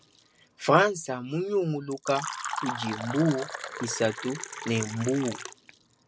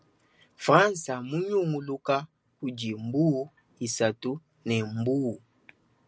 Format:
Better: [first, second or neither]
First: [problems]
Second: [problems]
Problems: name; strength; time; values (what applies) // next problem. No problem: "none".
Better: second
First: background sound (Fill (with liquid)); 10 dB below the speech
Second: none